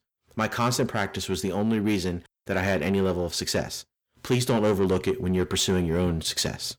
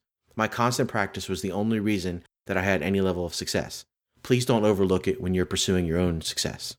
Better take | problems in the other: second | distortion; slight; 10 dB below the speech

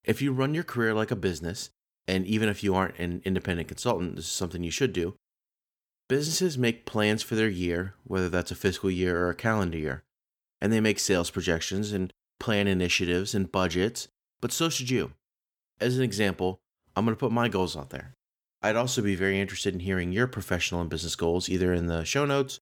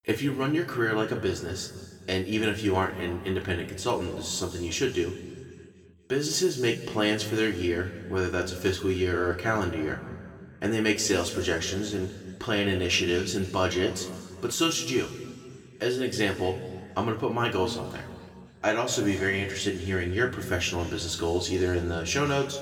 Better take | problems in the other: first | room echo; noticeable; dies away in 1.6 s // off-mic speech; somewhat distant

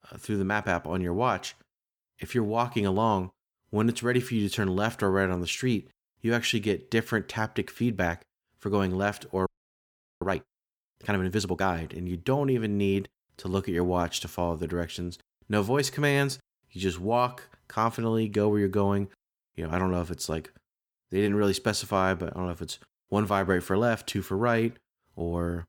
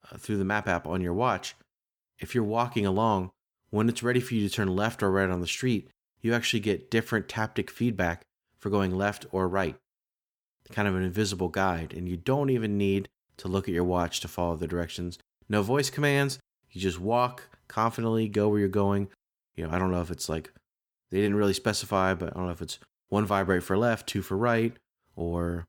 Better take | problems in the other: second | audio freezing; at 9.5 s for 1 s

